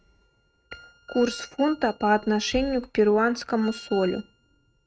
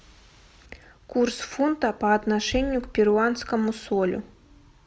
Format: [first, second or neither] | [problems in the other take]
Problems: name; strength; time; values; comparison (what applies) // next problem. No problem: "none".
second | noise reduction (neural mask model RNNoise)